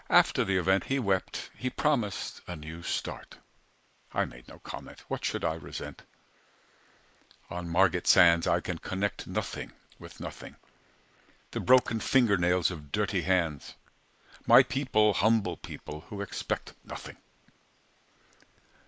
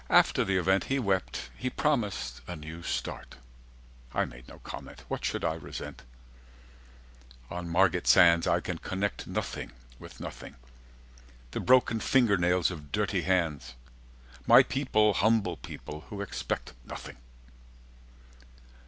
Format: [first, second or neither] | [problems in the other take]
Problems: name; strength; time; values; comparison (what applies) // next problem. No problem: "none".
second | noise reduction (neural mask model Resemble Enhance denoiser)